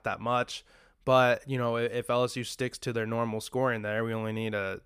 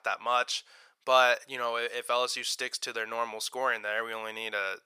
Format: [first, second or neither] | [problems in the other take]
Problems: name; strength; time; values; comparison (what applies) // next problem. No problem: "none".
first | thin; very; fading below 750 Hz